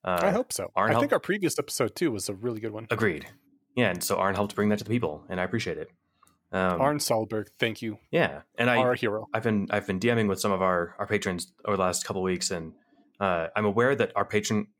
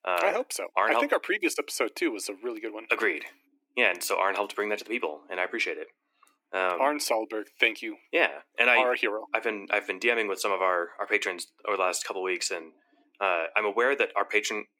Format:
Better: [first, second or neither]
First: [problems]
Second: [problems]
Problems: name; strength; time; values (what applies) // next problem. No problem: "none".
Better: first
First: none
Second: thin; somewhat; fading below 300 Hz